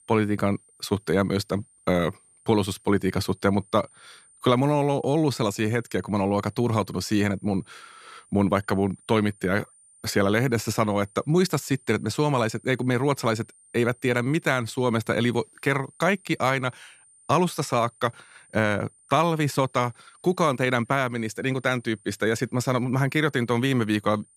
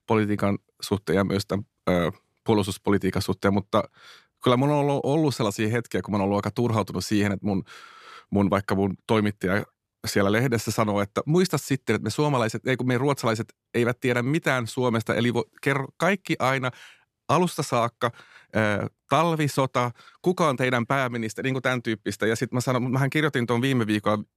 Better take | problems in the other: second | high-pitched whine; faint; throughout; 9 kHz, 30 dB below the speech

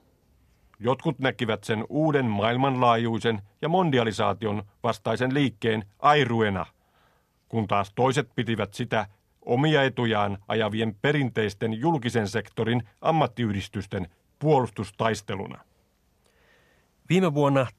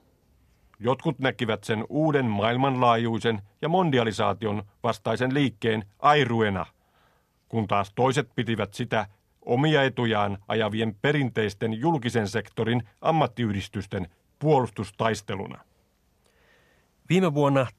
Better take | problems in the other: neither | none

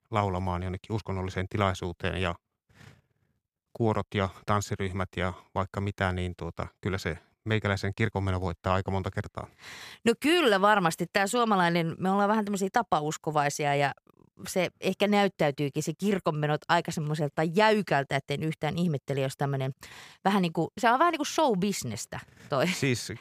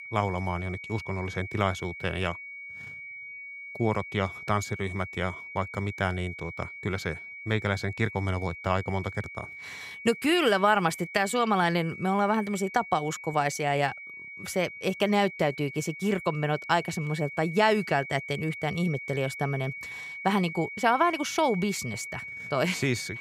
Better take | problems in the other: first | high-pitched whine; noticeable; throughout; 2.5 kHz, 10 dB below the speech

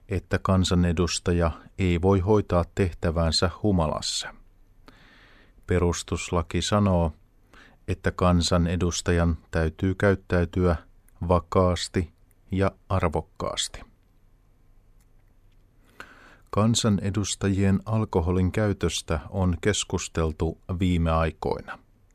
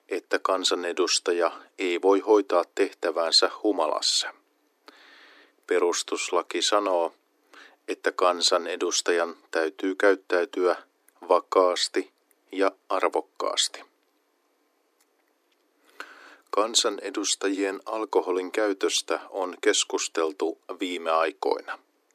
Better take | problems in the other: first | thin; very; fading below 300 Hz

